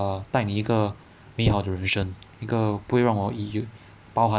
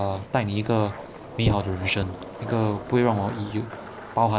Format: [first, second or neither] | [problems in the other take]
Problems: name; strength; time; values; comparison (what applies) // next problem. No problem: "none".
first | background sound (Skateboard); 13 dB below the speech